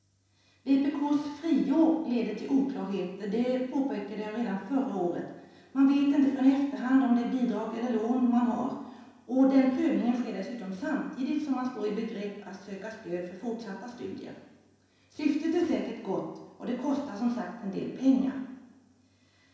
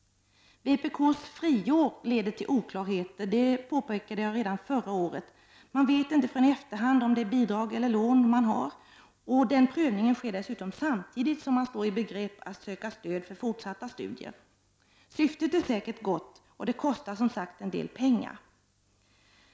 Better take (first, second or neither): second